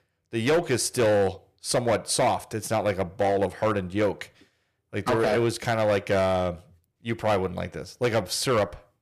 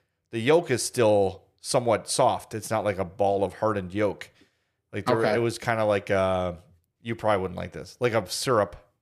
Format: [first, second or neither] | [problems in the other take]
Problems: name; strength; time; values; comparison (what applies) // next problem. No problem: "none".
second | distortion; slight; 8% of the sound clipped